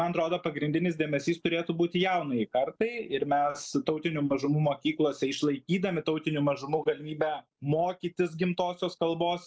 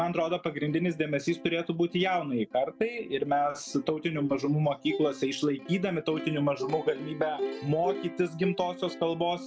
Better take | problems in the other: first | background sound (Plucked string instrument); 12 dB below the speech

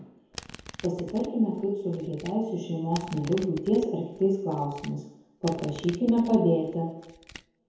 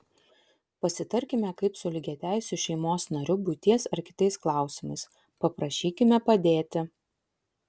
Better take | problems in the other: second | background sound (Domestic sounds, home sounds); 19 dB below the speech // room echo; dies away in 1 s

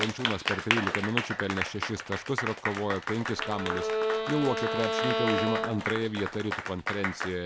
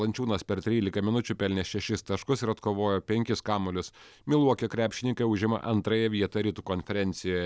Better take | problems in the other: second | background sound (Applause + Bowed string instrument); as loud as the speech

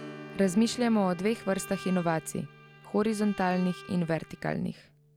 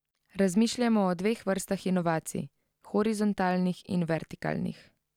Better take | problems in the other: second | background sound (Strum + Bowed string instrument); 17 dB below the speech

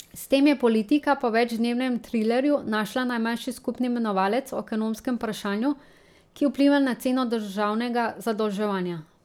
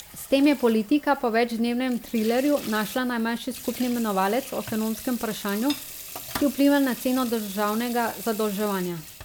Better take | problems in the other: first | background sound (Sink (filling or washing) / Water tap, faucet); 14 dB below the speech

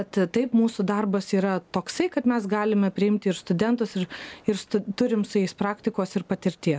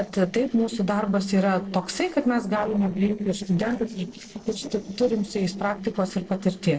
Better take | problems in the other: first | noise reduction (neural separator model SepFormer DNS4)

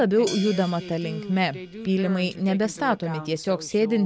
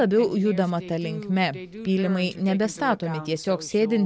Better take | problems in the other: second | background sound (Hi-hat); 19 dB below the speech

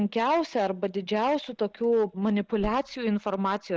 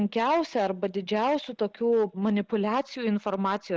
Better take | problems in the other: second | background sound (Slam / Car); 20 dB below the speech

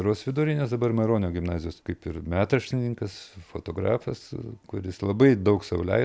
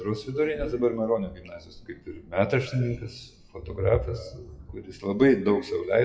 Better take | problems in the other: first | noise reduction (classical method WPE with log-MMSE)

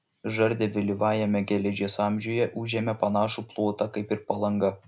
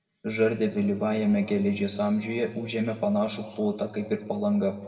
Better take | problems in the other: first | room echo; dies away in 1.3 s

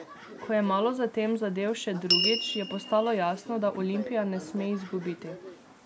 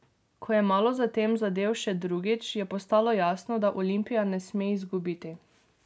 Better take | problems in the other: second | background sound (Door / Bell); 6 dB below the speech

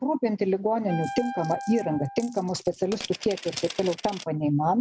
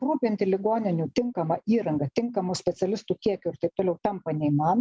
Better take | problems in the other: second | background sound (Wind instrument, woodwind instrument + Coin (dropping)); 12 dB below the speech

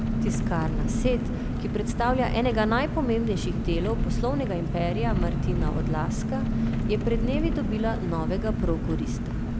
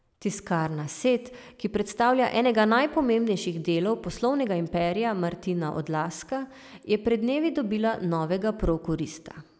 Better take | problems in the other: second | background sound (Engine); 2 dB above the speech

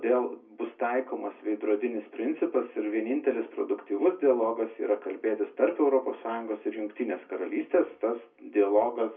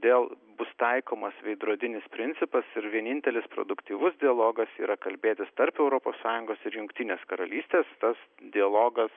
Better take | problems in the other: second | room echo; dies away in 0.4 s

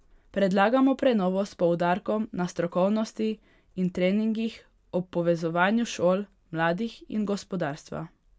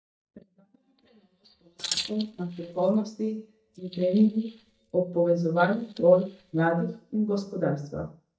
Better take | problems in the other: first | noise reduction (neural mask model DeepFilterNet 3)

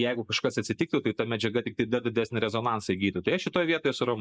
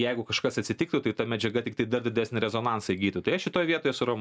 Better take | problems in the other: second | noise reduction (neural mask model Resemble Enhance denoiser)

